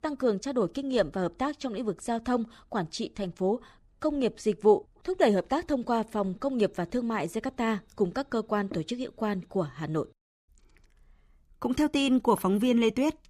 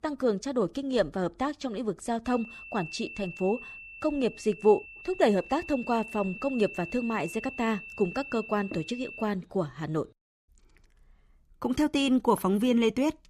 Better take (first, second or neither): first